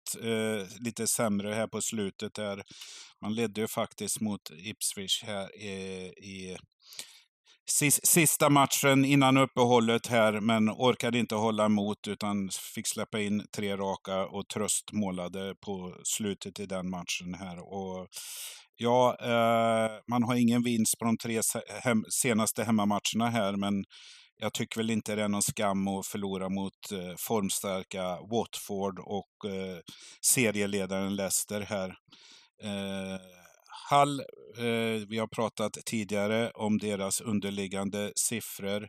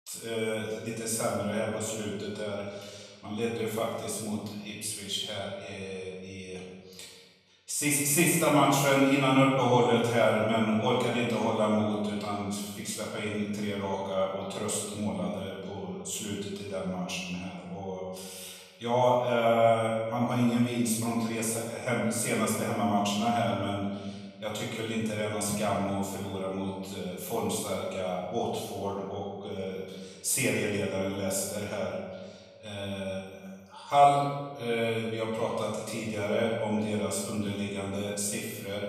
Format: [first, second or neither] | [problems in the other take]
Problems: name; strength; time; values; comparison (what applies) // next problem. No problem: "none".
first | off-mic speech; far // room echo; noticeable; dies away in 1.3 s